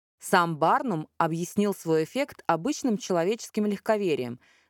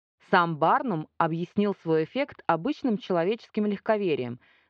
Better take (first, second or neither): first